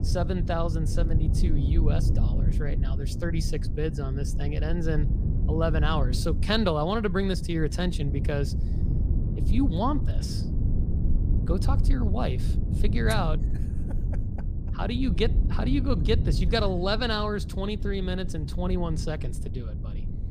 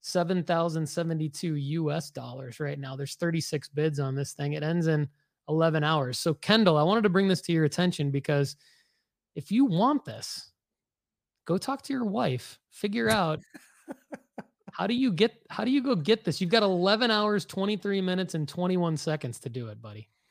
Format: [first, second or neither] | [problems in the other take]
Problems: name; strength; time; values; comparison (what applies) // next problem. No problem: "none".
second | low rumble; noticeable; throughout; 10 dB below the speech